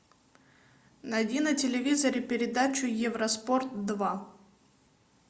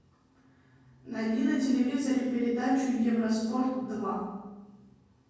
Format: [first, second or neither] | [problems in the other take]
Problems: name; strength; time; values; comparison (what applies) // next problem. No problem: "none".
first | room echo; dies away in 1.3 s